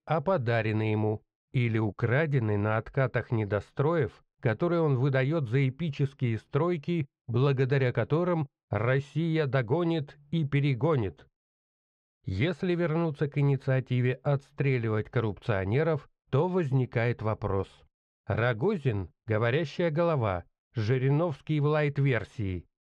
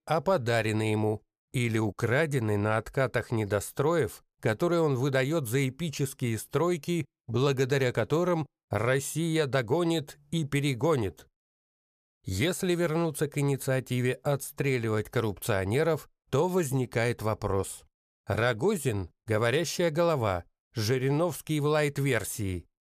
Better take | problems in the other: second | muffled; slightly; fading above 3.5 kHz

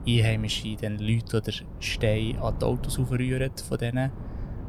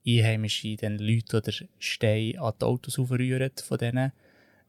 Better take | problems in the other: second | wind noise on the microphone; occasional gusts; 15 dB below the speech

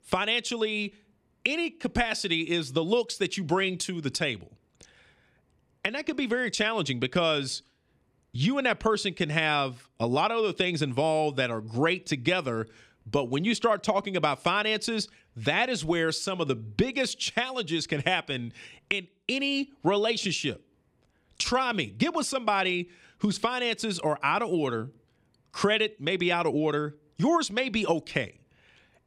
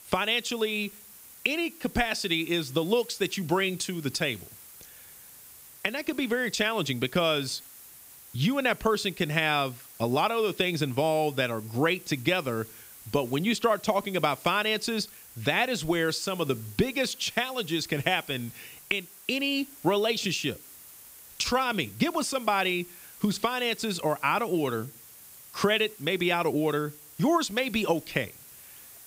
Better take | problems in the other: first | hiss; noticeable; throughout; 20 dB below the speech

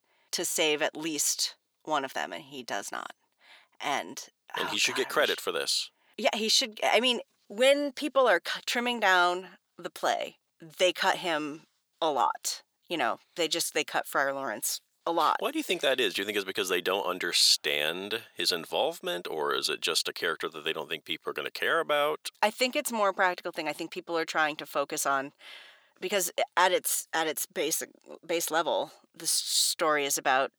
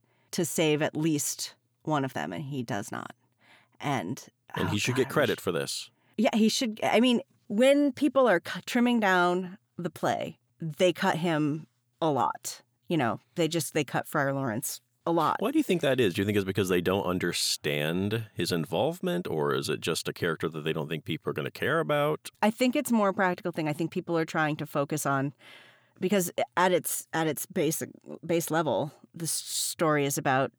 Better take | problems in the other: second | thin; somewhat; fading below 500 Hz

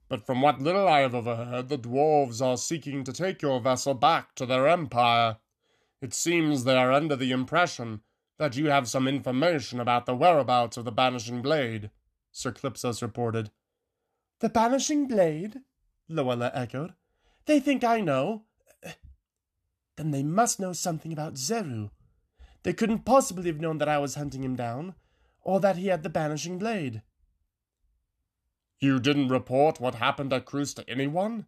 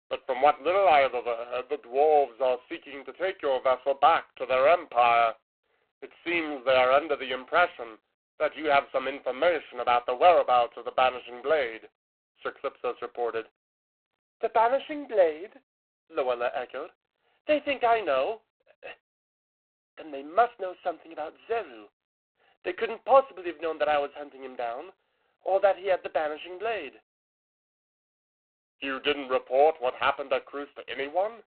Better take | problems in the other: first | phone-call audio; poor line

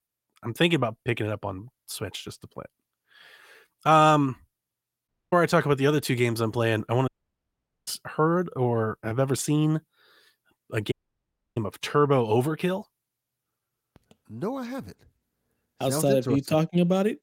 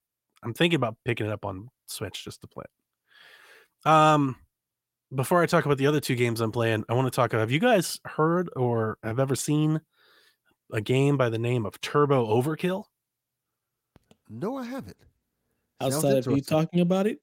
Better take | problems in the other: second | audio cutting out; at 5 s, at 7 s for 1 s and at 11 s for 0.5 s

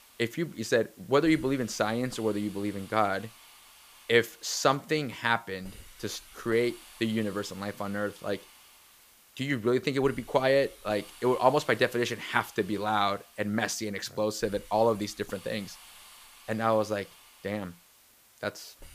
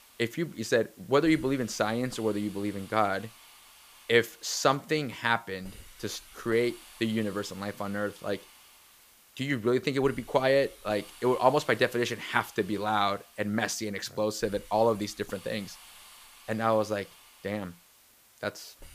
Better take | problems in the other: neither | hiss; faint; throughout; 20 dB below the speech; the same in both

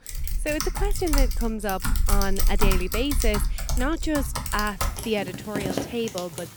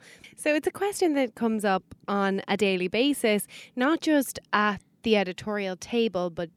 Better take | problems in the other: second | household noises; very loud; throughout; as loud as the speech

